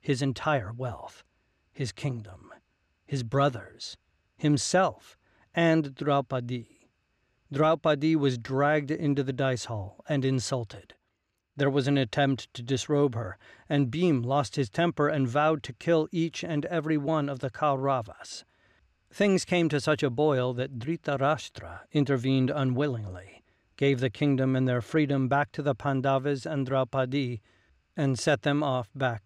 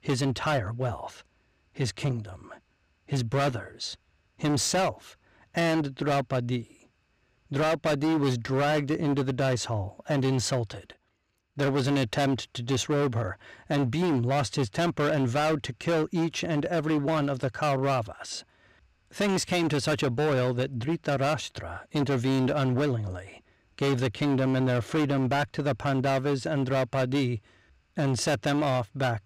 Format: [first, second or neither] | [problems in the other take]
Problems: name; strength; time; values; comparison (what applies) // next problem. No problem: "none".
first | distortion; heavy; 18% of the sound clipped